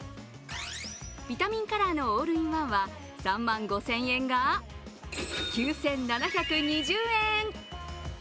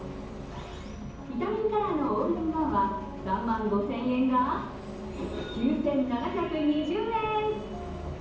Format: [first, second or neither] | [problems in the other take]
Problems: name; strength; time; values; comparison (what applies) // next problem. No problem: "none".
first | background sound (Engine); 13 dB below the speech // room echo; dies away in 1.2 s